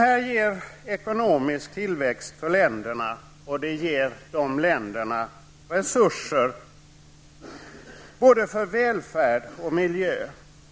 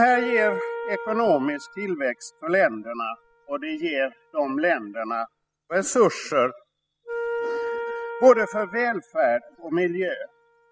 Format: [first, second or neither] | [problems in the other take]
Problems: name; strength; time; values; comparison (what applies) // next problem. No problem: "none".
first | noise reduction (classical method spectral subtraction)